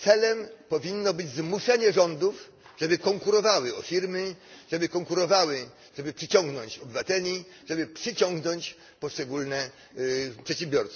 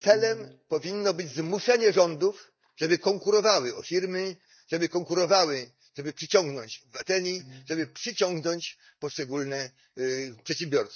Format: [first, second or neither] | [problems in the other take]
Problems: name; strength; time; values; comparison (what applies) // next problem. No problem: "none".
first | noise reduction (neural mask model DeepFilterNet 3)